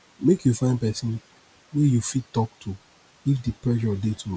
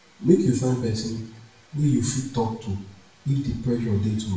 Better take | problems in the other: first | room echo; dies away in 0.6 s

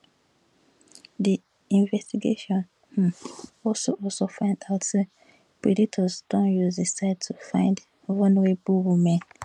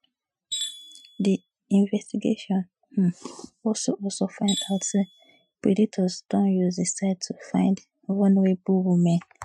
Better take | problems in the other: first | noise reduction (classical method Wiener filter)

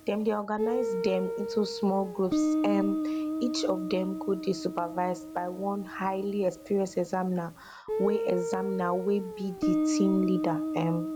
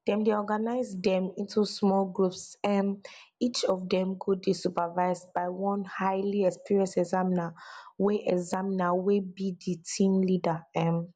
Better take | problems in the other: second | background sound (Guitar); 2 dB below the speech

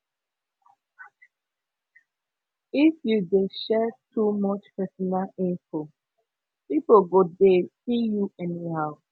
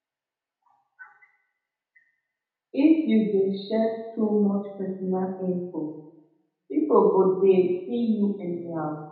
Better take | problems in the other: first | room echo; dies away in 0.8 s

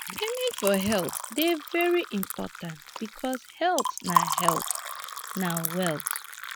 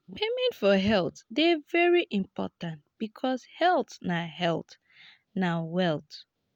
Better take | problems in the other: second | background sound (Liquid); 3 dB below the speech

